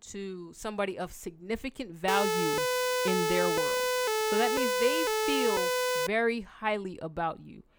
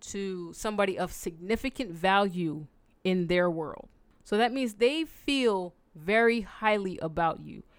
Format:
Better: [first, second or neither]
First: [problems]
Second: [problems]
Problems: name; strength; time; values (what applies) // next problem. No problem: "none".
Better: second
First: siren; loud; from 2 to 6 s; peak 5 dB above the speech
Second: none